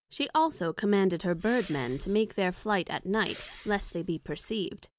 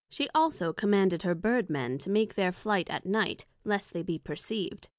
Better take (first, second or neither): second